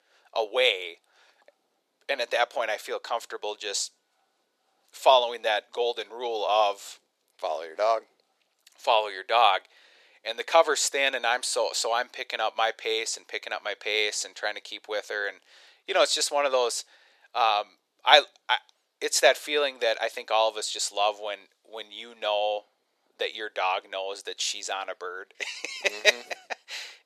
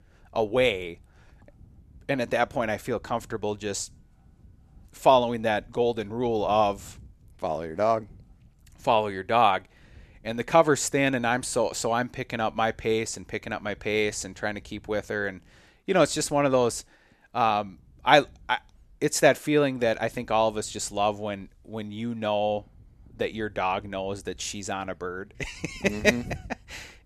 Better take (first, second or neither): second